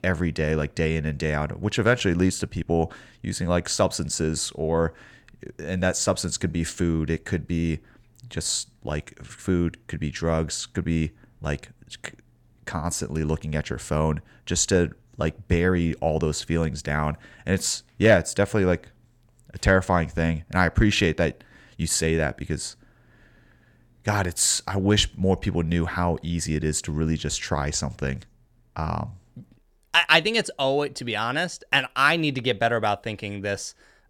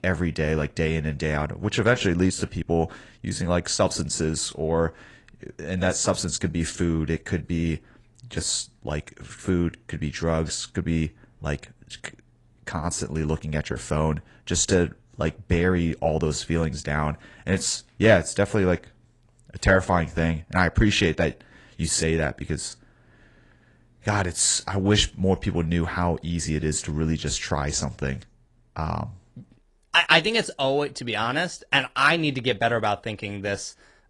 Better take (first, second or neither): first